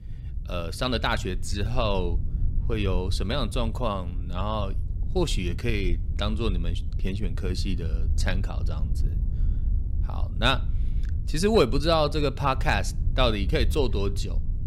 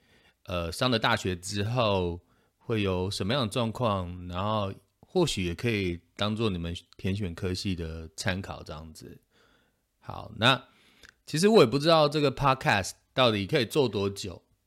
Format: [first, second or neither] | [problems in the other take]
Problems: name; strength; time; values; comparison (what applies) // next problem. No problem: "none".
second | low rumble; noticeable; throughout; 20 dB below the speech